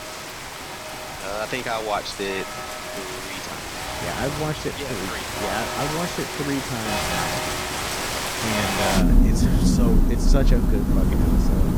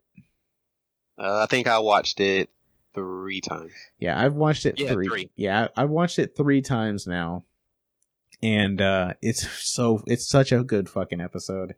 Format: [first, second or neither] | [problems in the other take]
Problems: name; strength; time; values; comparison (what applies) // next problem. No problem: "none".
second | rain or running water; very loud; throughout; 5 dB above the speech